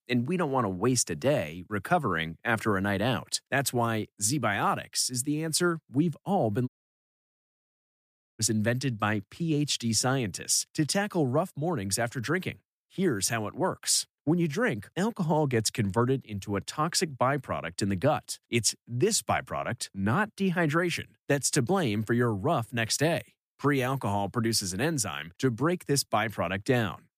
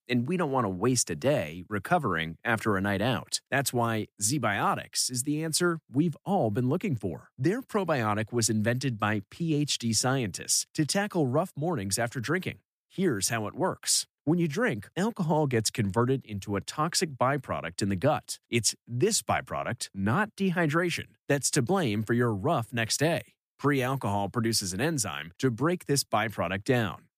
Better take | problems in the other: second | audio cutting out; at 6.5 s for 1.5 s

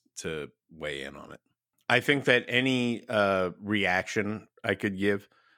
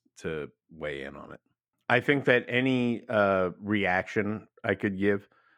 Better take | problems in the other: first | muffled; slightly; fading above 3 kHz

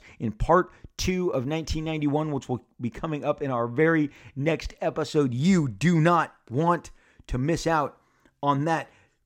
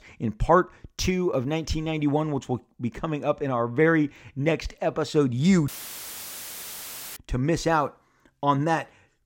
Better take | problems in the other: first | audio cutting out; filled with static; at 5.5 s for 1.5 s

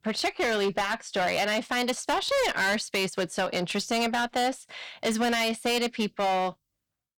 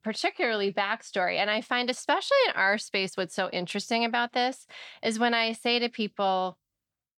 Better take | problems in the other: second | distortion; heavy; 17% of the sound clipped

